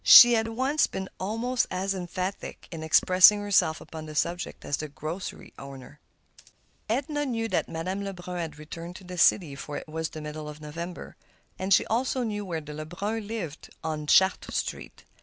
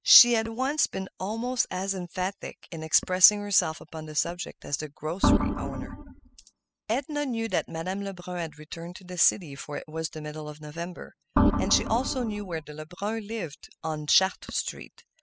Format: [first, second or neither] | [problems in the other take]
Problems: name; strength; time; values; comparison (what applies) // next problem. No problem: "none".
first | noise reduction (classical method spectral subtraction)